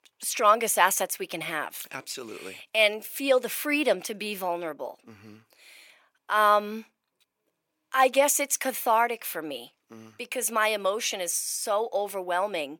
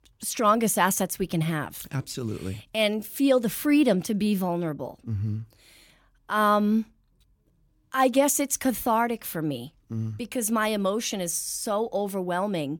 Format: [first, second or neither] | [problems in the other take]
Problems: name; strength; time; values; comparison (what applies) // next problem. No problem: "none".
second | thin; somewhat; fading below 550 Hz